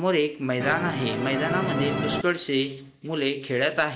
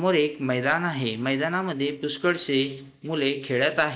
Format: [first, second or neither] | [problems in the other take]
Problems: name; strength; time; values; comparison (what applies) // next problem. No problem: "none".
second | background sound (Musical instrument); 2 dB below the speech